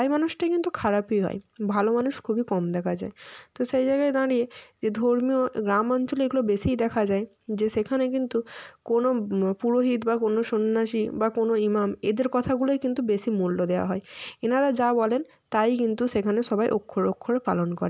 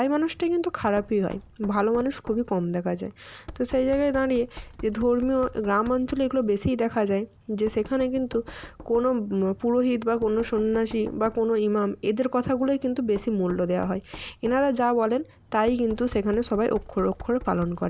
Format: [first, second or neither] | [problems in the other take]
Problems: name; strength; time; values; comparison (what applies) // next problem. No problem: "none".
first | background sound (Knock); 19 dB below the speech